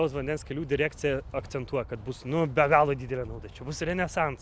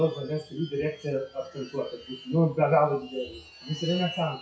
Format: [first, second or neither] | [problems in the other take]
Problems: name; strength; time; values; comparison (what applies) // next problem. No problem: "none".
first | noise reduction (classical method WPE with log-MMSE)